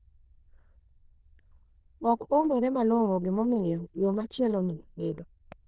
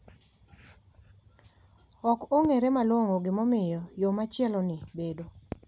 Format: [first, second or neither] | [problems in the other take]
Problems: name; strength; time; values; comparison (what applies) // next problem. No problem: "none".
second | noise reduction (neural diffusion model UNIVERSE++)